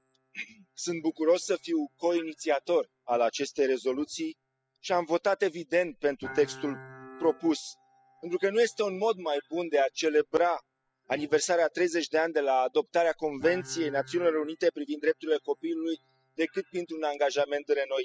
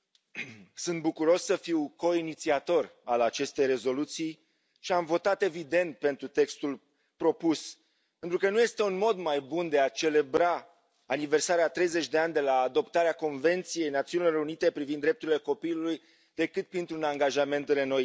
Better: second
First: noise reduction (classical method spectral subtraction)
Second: none

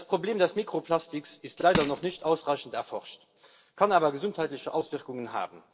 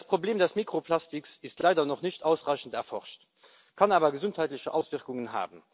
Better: second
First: background sound (Crushing); 5 dB below the speech // room echo; dies away in 0.3 s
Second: none

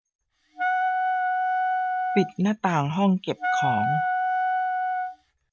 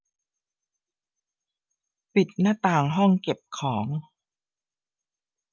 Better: second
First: background sound (Wind instrument, woodwind instrument); 3 dB above the speech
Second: none

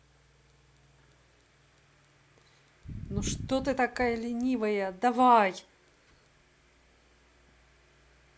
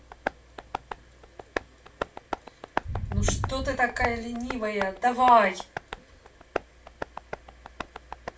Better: first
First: none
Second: background sound (Tap); 8 dB below the speech // room echo; dies away in 0.2 s

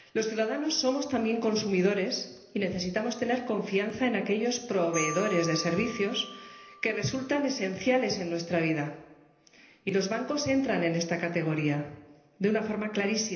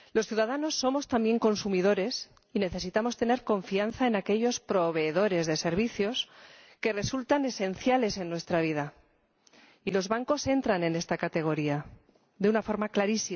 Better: second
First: background sound (Marimba, xylophone); 18 dB below the speech // room echo; dies away in 0.8 s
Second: none

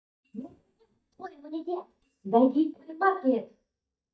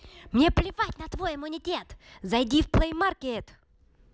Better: second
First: noise reduction (neural mask model DeepFilterNet 3)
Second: none

